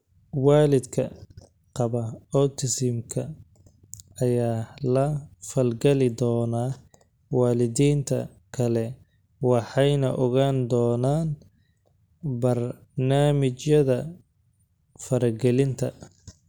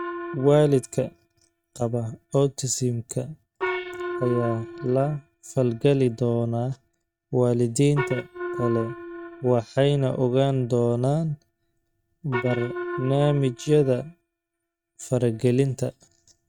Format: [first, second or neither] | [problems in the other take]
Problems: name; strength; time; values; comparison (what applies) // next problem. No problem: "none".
first | noise reduction (neural mask model RNNoise)